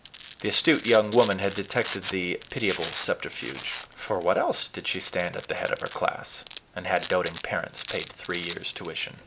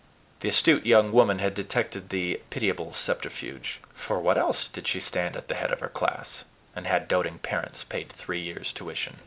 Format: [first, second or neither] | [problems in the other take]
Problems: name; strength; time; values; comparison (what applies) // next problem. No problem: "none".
second | background sound (Domestic sounds, home sounds); 14 dB below the speech